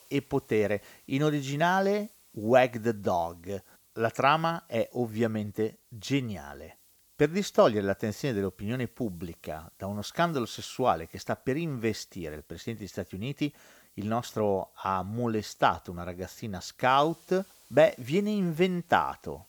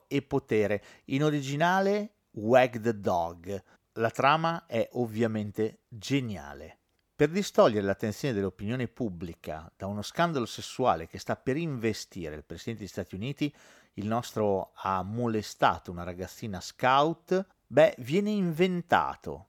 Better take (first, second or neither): second